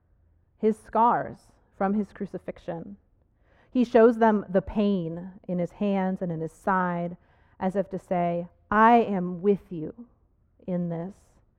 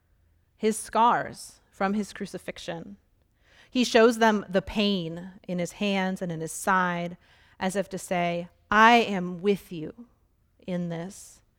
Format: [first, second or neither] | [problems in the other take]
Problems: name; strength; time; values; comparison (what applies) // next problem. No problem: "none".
second | muffled; very; fading above 2 kHz